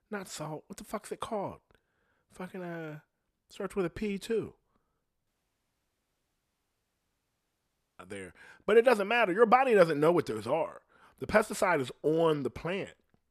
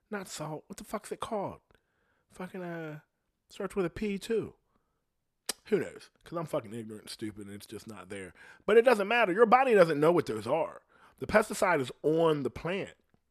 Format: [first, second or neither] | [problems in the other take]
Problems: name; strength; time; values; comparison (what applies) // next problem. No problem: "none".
second | audio cutting out; at 5.5 s for 2.5 s